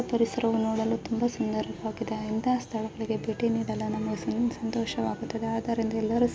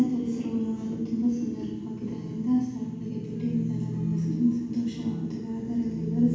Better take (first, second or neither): first